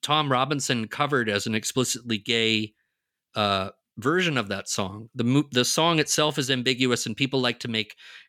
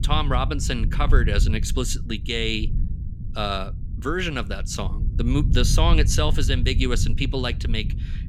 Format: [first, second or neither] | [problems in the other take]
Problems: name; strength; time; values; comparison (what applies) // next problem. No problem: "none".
first | low rumble; noticeable; throughout; 15 dB below the speech